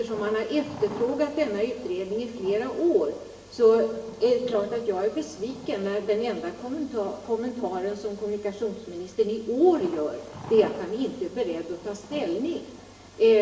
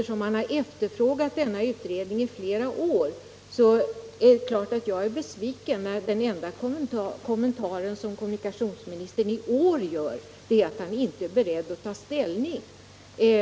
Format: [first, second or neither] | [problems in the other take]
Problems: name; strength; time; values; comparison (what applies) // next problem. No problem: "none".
second | background sound (Thunder); 20 dB below the speech // room echo; dies away in 1.1 s